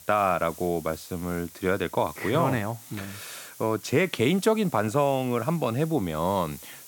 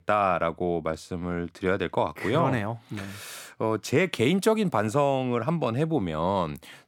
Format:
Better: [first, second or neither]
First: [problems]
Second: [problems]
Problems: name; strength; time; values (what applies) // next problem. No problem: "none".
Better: second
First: hiss; noticeable; throughout; 20 dB below the speech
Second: none